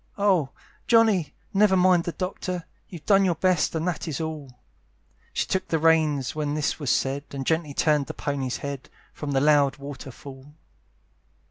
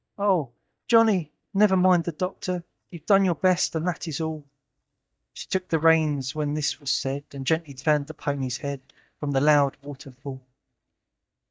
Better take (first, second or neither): first